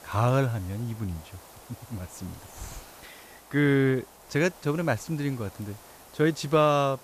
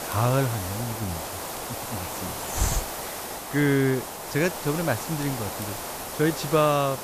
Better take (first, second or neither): first